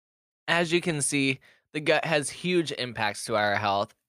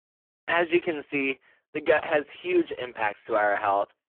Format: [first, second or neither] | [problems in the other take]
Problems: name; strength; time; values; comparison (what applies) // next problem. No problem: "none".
first | phone-call audio; poor line